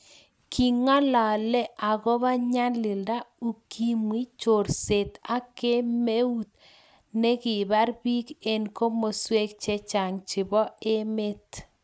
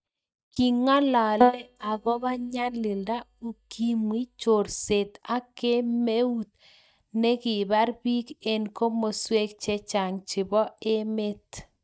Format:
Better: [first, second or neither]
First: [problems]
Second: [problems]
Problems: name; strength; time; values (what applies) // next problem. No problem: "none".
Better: first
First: none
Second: noise reduction (neural mask model DeepFilterNet 3)